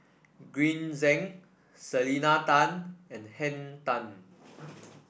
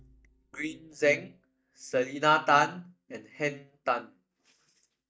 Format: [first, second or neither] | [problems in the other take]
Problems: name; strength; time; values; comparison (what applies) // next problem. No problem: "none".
first | noise reduction (neural mask model DeepFilterNet 3)